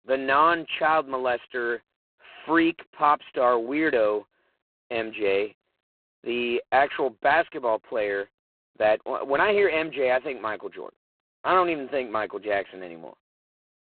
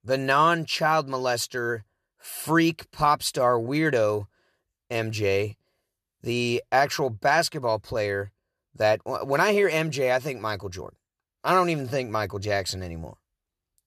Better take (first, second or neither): second